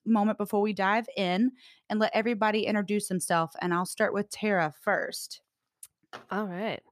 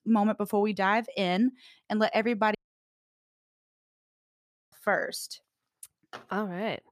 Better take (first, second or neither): first